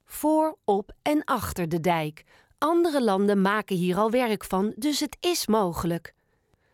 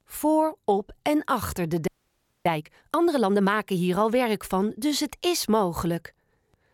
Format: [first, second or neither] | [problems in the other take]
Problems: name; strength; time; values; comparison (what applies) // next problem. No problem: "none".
first | audio freezing; at 2 s for 0.5 s